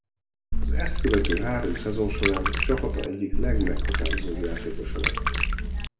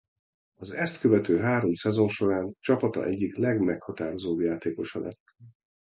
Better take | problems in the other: second | background sound (Water / Liquid); 5 dB above the speech // room echo; dies away in 0.8 s

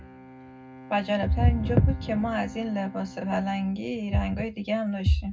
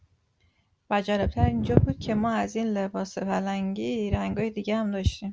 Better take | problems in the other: second | background sound (Bowed string instrument); 19 dB below the speech // room echo; dies away in 0.3 s

